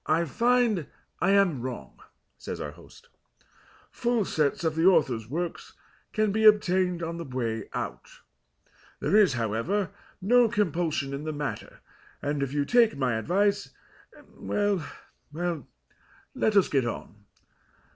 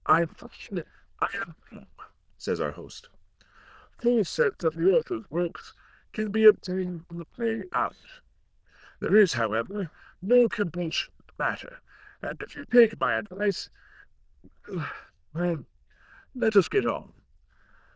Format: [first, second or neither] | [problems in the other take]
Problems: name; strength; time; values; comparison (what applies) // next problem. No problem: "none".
first | noise reduction (neural diffusion model UNIVERSE++)